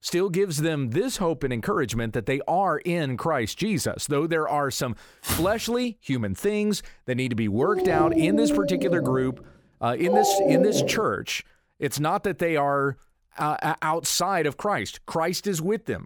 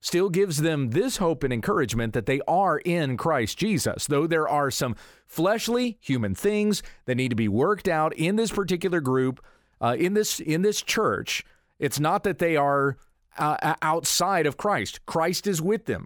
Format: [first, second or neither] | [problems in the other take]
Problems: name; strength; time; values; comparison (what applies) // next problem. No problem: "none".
second | footsteps; noticeable; at 5 s; peak 3 dB below the speech // dog barking; loud; from 7.5 to 11 s; peak 5 dB above the speech